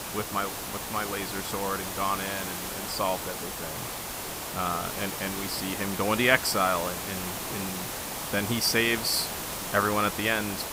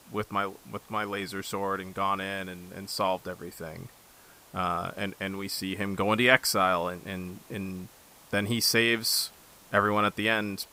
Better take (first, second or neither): second